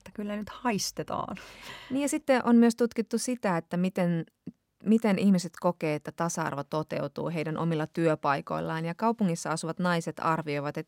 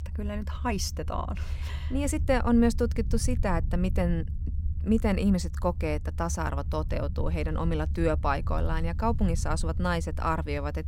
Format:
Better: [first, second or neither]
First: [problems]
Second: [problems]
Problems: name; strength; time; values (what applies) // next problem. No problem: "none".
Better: first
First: none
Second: low rumble; noticeable; throughout; 20 dB below the speech